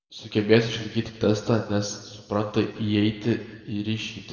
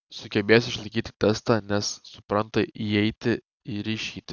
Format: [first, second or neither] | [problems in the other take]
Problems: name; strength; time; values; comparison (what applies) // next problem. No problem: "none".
second | room echo; dies away in 1.6 s